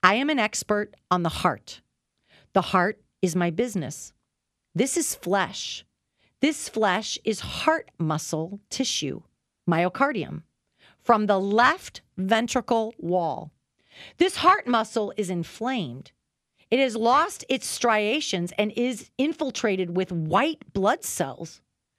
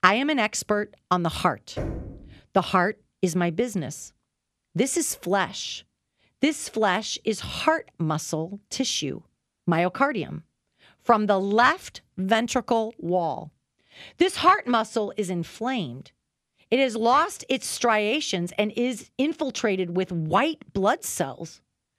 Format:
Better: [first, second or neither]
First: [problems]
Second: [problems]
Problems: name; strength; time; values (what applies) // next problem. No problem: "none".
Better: first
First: none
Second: door banging; noticeable; at 2 s; peak 8 dB below the speech